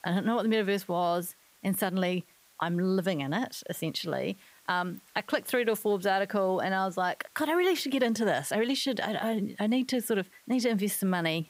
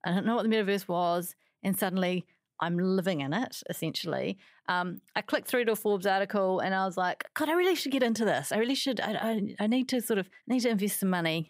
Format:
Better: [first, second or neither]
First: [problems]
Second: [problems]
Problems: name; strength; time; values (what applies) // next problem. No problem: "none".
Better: second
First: hiss; faint; throughout; 30 dB below the speech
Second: none